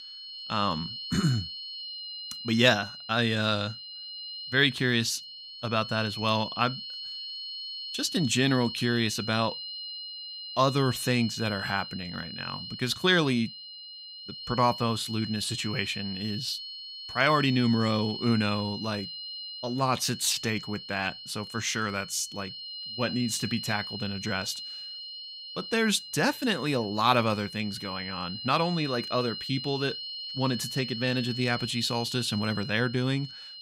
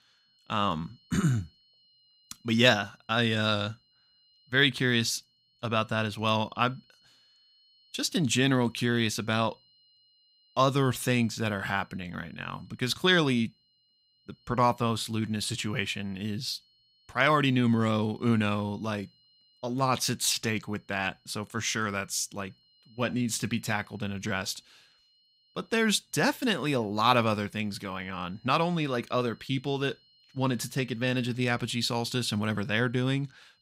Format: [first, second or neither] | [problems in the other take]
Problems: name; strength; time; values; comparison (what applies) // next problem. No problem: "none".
second | high-pitched whine; loud; throughout; 4 kHz, 9 dB below the speech; faint in the second